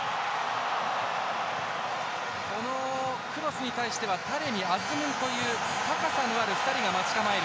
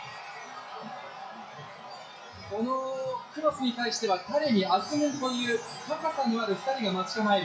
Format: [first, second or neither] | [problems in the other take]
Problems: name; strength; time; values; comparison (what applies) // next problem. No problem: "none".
first | noise reduction (classical method WPE with log-MMSE)